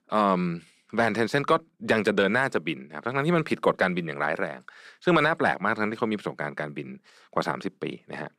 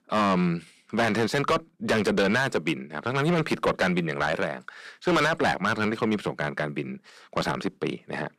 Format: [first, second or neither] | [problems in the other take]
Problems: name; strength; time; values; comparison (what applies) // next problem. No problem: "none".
first | distortion; heavy; 7 dB below the speech